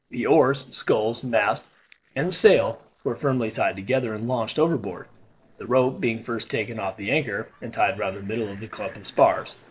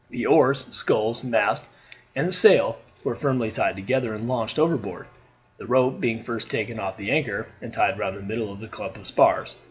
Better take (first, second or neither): second